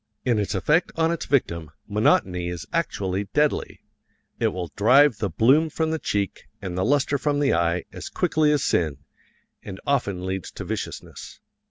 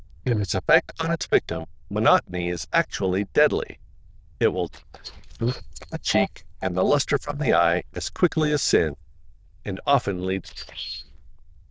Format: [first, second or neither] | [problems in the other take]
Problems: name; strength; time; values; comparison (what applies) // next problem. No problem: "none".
first | noise reduction (neural diffusion model UNIVERSE++)